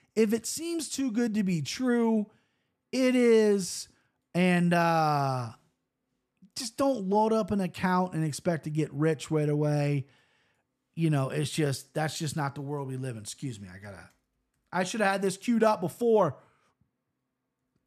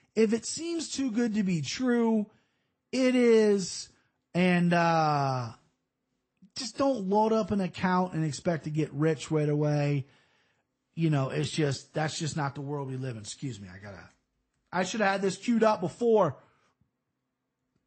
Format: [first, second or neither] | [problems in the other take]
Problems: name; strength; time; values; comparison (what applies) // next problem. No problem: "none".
first | garbled, watery; slightly; nothing above 8 kHz